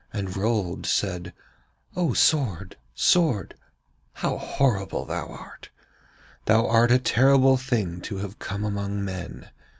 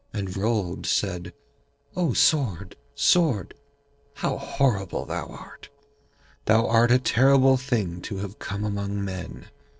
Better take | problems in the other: first | noise reduction (neural separator model SepFormer DNS4)

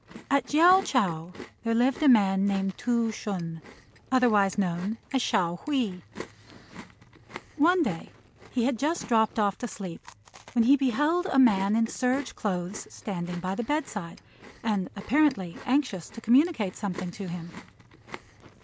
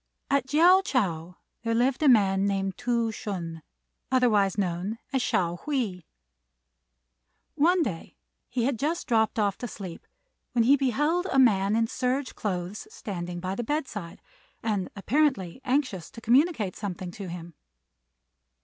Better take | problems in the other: second | background sound (Chewing, mastication); 19 dB below the speech

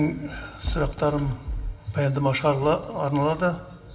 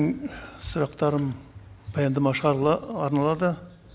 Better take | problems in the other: second | background sound (Fireworks); 8 dB below the speech // room echo; dies away in 2.1 s

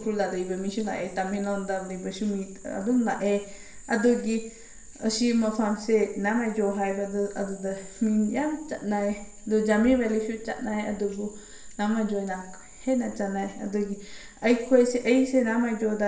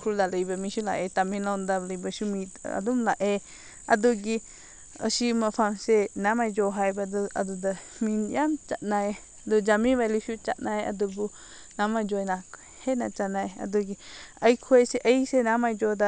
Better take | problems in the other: second | room echo; dies away in 0.7 s

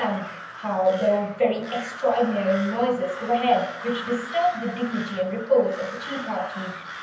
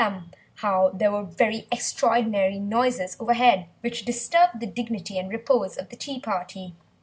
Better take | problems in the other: second | background sound (Crow); 12 dB below the speech // room echo; dies away in 0.7 s

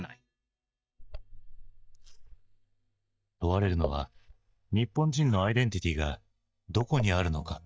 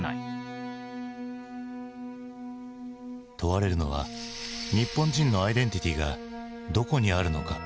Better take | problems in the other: second | noise reduction (neural mask model DeepFilterNet 3)

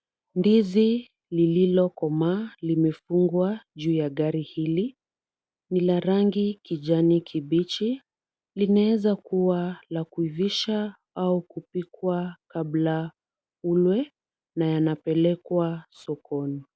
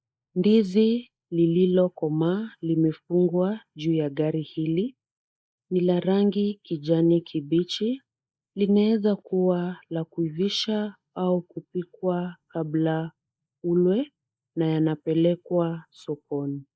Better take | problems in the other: first | noise reduction (neural mask model Resemble Enhance denoiser)

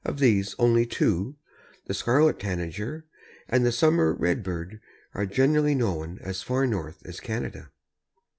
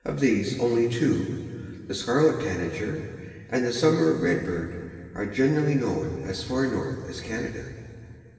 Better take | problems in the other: first | room echo; dies away in 2.3 s

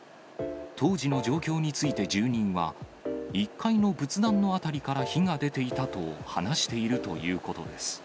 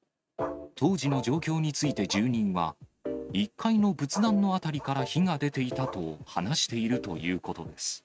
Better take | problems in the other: first | noise reduction (neural mask model RNNoise)

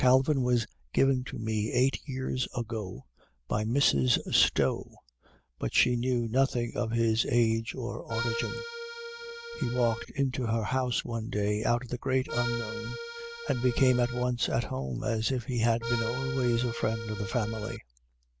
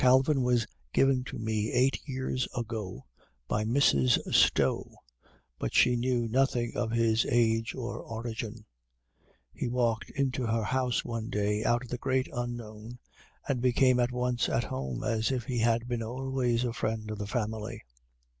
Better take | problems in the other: second | background sound (Accordion); 8 dB below the speech

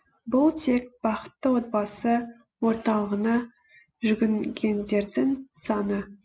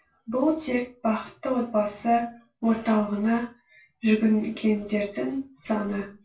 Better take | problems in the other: first | room echo; dies away in 0.2 s

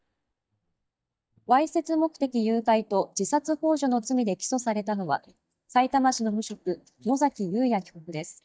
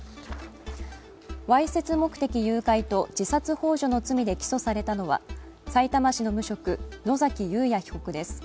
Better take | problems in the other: second | noise reduction (neural mask model DeepFilterNet 3)

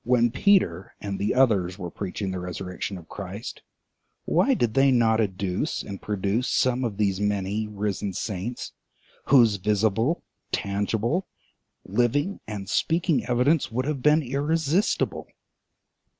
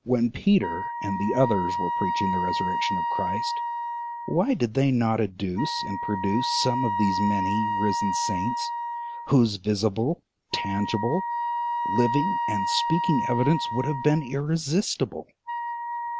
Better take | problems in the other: first | background sound (Wind instrument, woodwind instrument); 3 dB below the speech

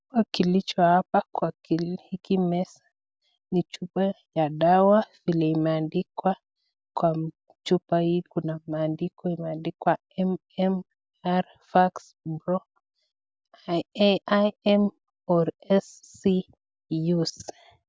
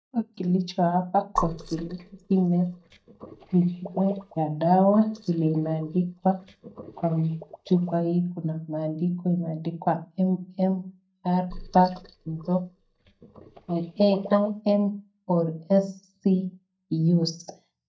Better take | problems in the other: first | noise reduction (neural mask model DeepFilterNet 3)

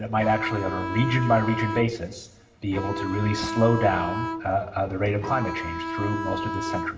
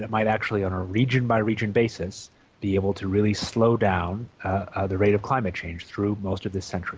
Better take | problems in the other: second | background sound (Bowed string instrument); 5 dB below the speech // room echo; dies away in 0.8 s

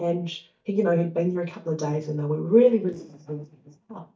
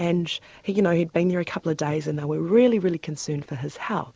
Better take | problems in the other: second | noise reduction (neural mask model DeepFilterNet 3)

